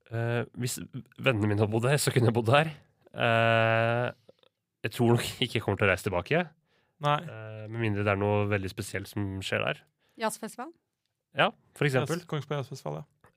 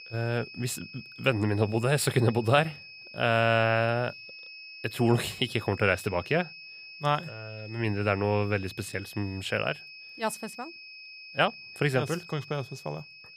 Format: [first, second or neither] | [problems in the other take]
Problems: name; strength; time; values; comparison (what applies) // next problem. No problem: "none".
first | high-pitched whine; noticeable; throughout; 2.5 kHz, 15 dB below the speech